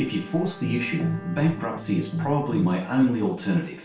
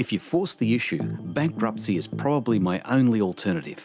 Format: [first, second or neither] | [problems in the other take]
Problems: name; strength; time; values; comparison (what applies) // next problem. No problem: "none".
second | background sound (Bowed string instrument); 19 dB below the speech // room echo; dies away in 0.3 s